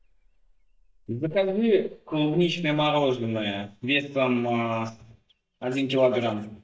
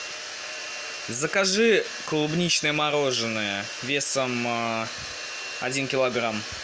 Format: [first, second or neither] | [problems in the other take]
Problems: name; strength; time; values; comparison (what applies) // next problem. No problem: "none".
second | noise reduction (neural mask model DeepFilterNet 3)